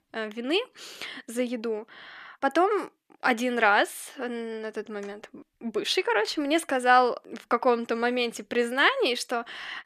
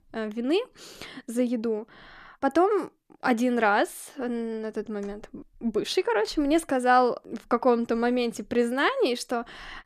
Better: second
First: thin; very slightly; fading below 450 Hz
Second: none

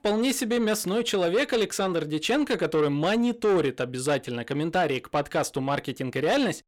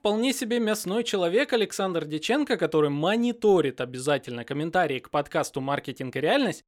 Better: second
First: distortion; slight; 10 dB below the speech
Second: none

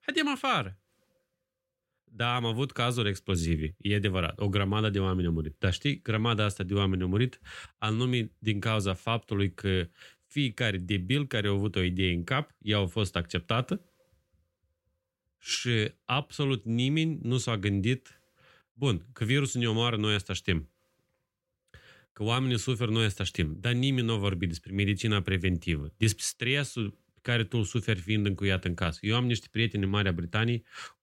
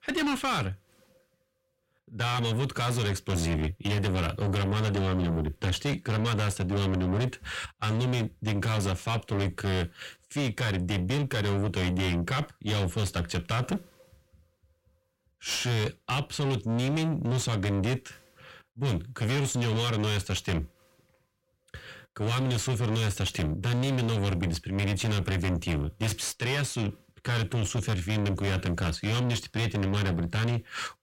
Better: first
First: none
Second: distortion; heavy; 5 dB below the speech

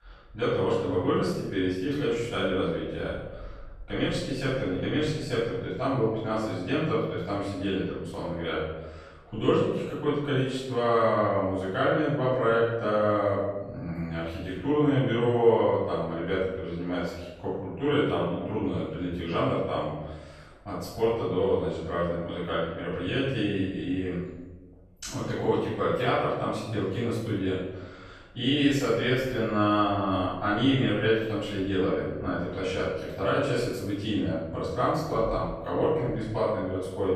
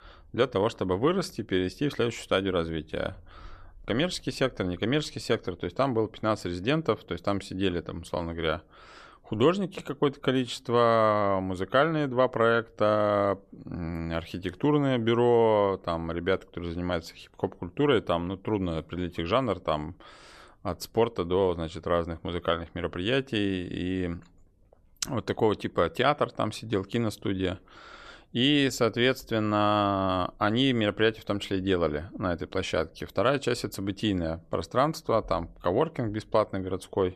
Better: second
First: off-mic speech; far // room echo; strong; dies away in 1 s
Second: none

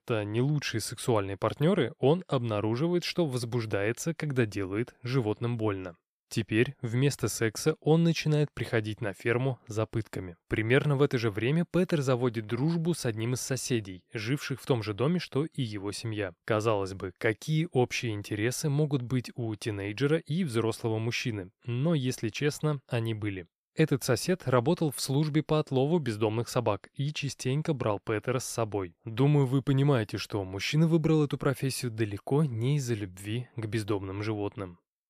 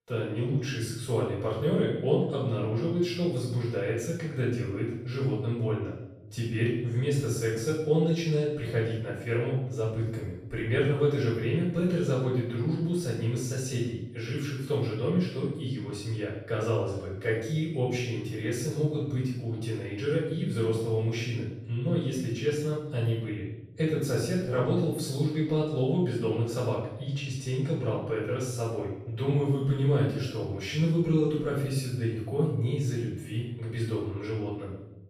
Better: first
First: none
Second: room echo; noticeable; dies away in 0.8 s // off-mic speech; far

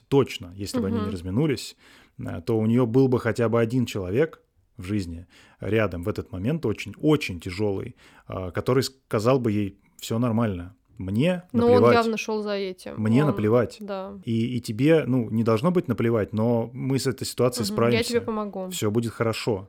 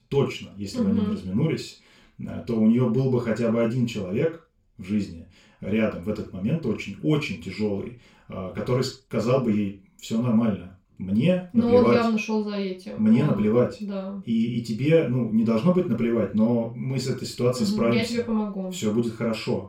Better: first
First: none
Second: room echo; slight; dies away in 0.3 s // off-mic speech; far

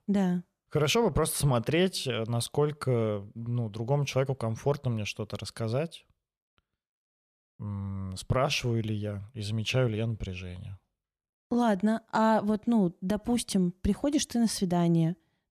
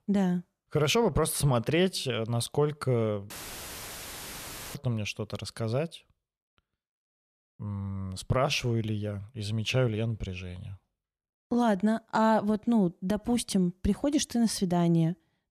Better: first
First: none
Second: audio cutting out; filled with static; at 3.5 s for 1.5 s

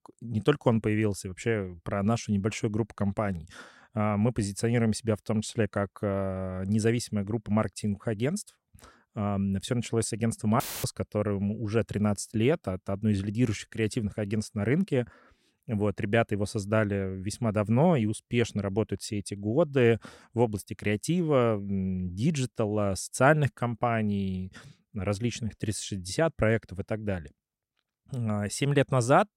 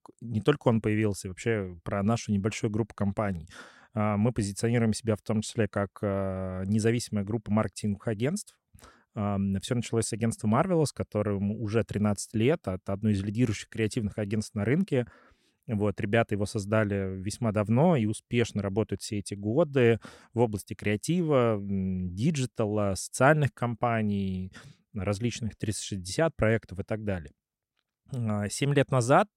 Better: second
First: audio cutting out; filled with static; at 11 s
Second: none

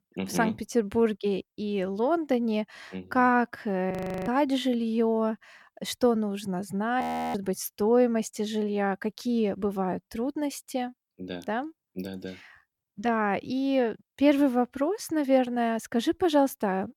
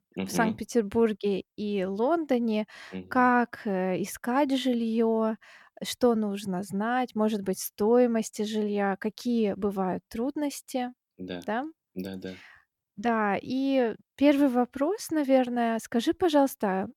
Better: second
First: audio freezing; at 4 s and at 7 s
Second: none

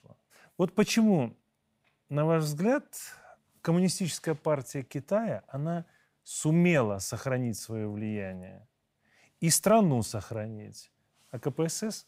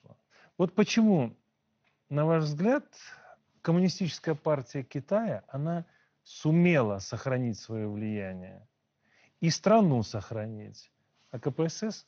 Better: first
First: none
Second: garbled, watery; slightly; nothing above 6.5 kHz

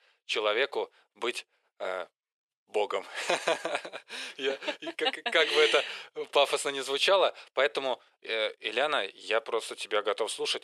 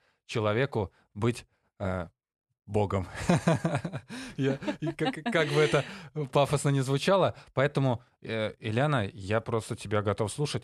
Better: second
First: thin; very; fading below 400 Hz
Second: none

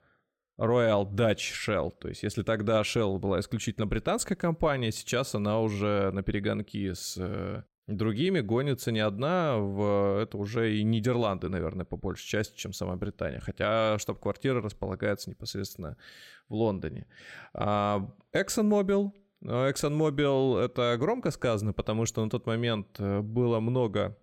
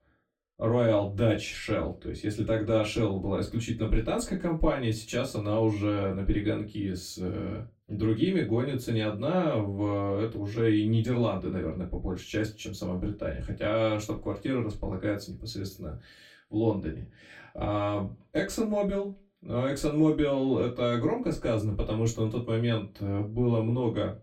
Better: first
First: none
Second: off-mic speech; far // room echo; very slight; dies away in 0.2 s

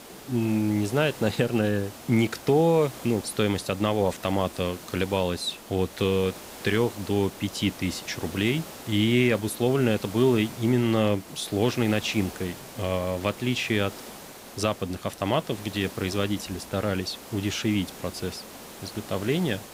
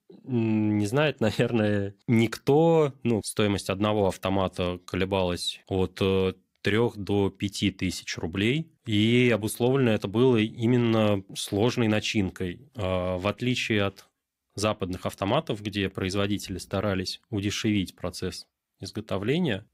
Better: second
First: hiss; noticeable; throughout; 15 dB below the speech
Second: none

